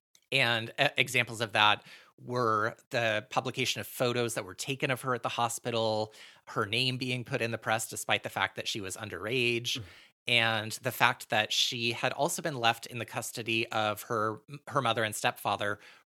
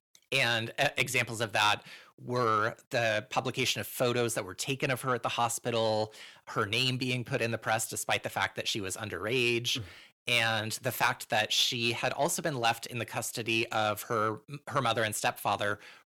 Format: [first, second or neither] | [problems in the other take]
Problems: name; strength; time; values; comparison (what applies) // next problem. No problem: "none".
first | distortion; slight; 10 dB below the speech